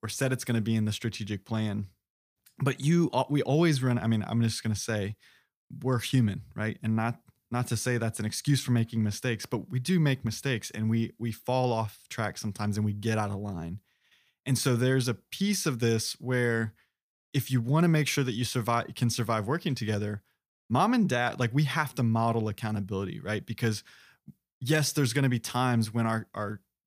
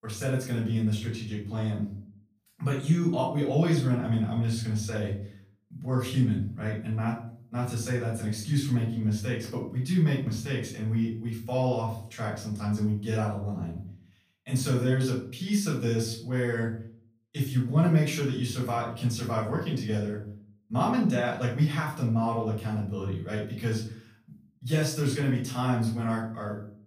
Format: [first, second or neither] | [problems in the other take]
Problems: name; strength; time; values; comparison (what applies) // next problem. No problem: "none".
first | off-mic speech; far // room echo; noticeable; dies away in 0.5 s